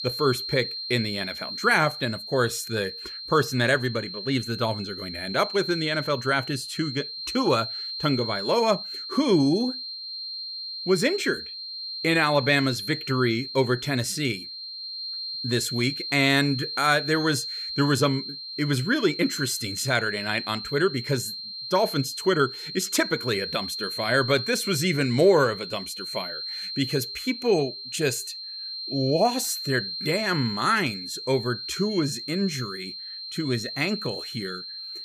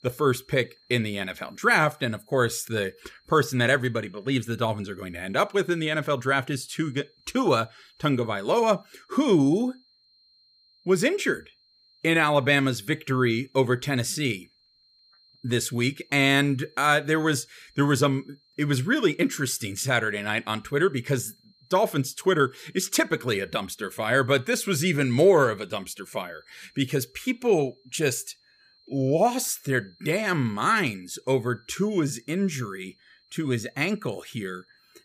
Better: second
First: high-pitched whine; loud; throughout; 4 kHz, 7 dB below the speech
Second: high-pitched whine; faint; throughout; 4 kHz, 35 dB below the speech

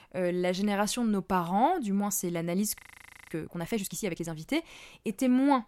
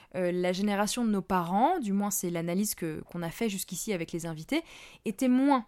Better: second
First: audio freezing; at 3 s for 0.5 s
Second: none

